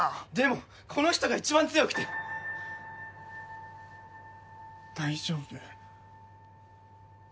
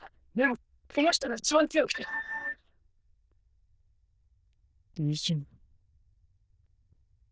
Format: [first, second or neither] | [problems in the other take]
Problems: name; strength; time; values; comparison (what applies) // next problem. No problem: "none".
first | noise reduction (neural diffusion model UNIVERSE++)